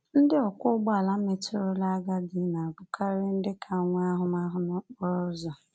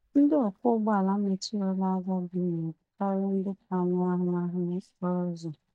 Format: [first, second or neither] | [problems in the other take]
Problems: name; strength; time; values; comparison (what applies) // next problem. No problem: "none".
first | noise reduction (neural mask model DeepFilterNet 3)